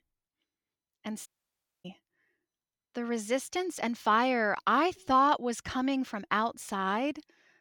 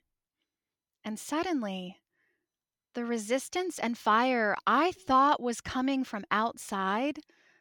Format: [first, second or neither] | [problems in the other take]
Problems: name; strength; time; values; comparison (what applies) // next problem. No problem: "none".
second | audio cutting out; at 1.5 s for 0.5 s